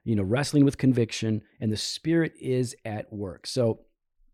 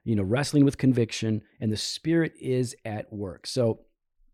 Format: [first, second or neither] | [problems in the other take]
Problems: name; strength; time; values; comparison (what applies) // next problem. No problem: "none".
neither | none